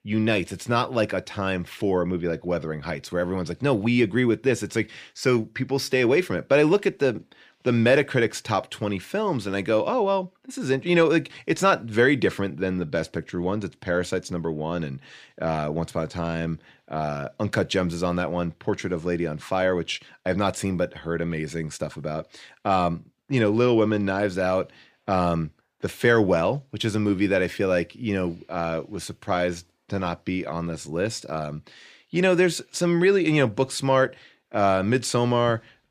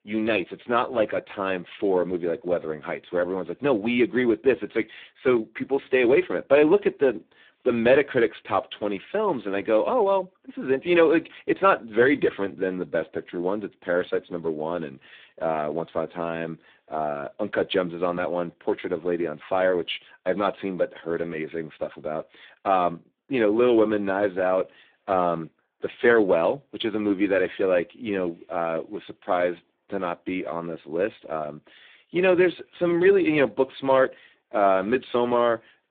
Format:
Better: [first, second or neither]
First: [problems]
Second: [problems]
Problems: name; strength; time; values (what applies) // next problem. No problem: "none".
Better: first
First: none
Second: phone-call audio; poor line; nothing above 3.5 kHz